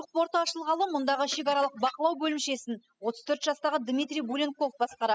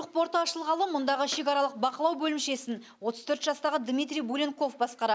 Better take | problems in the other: second | noise reduction (classical method spectral subtraction)

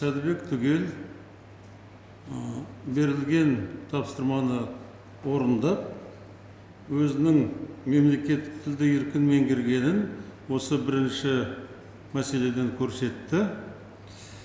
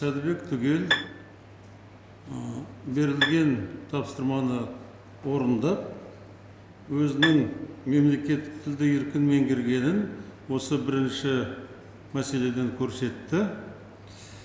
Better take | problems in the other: first | background sound (Bowed string instrument); 4 dB below the speech

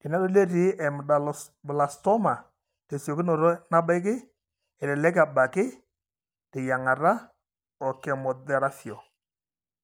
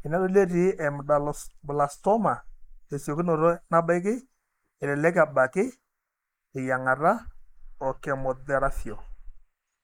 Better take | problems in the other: first | noise reduction (neural mask model Resemble Enhance denoiser)

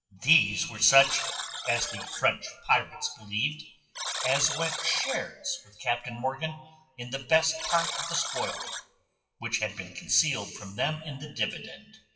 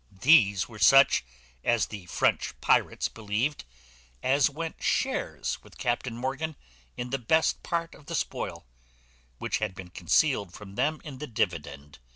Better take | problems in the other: second | noise reduction (classical method WPE with log-MMSE)

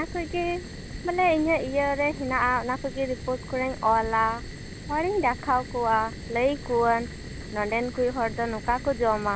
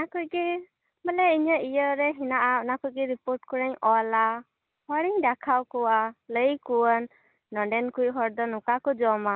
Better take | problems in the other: second | background sound (Fire); 11 dB below the speech

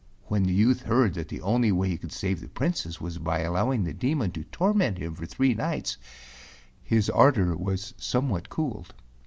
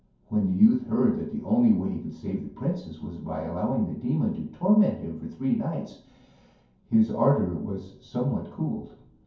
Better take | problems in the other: first | room echo; dies away in 0.6 s

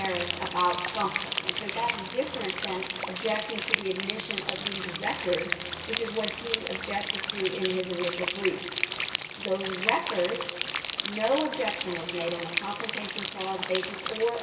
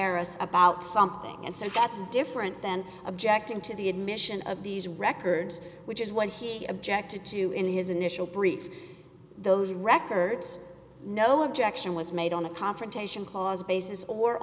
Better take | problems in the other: second | background sound (Rain); 2 dB below the speech // room echo; dies away in 1 s

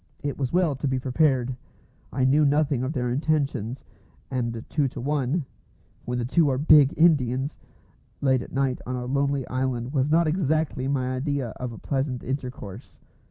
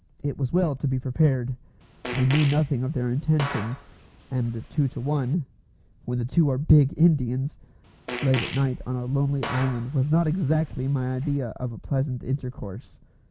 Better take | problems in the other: first | background sound (Fart); 13 dB below the speech

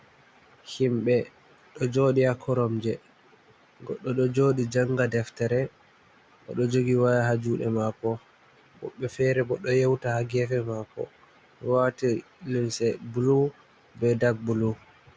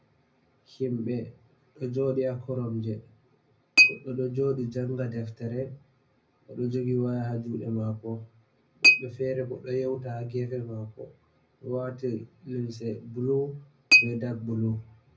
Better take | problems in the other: first | background sound (Chink, clink); as loud as the speech // room echo; dies away in 0.4 s

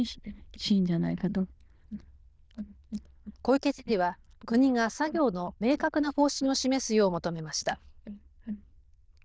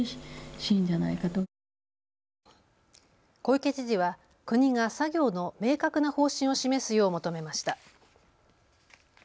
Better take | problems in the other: second | noise reduction (neural diffusion model UNIVERSE++)

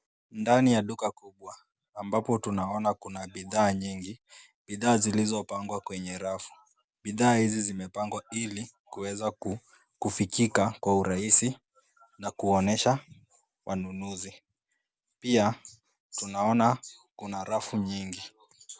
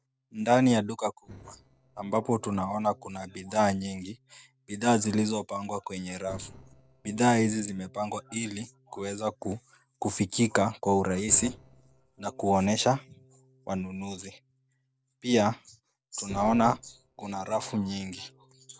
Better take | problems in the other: first | noise reduction (neural separator model SepFormer DNS4)

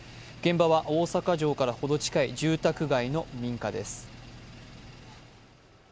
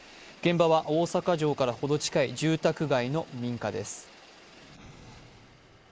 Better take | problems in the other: first | noise reduction (neural mask model Resemble Enhance denoiser)

